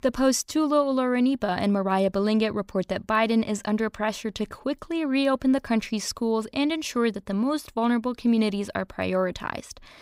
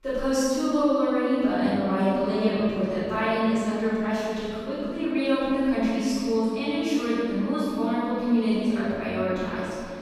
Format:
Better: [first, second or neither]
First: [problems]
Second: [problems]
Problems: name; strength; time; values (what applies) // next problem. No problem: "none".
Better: first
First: none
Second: room echo; strong; dies away in 2.2 s // off-mic speech; far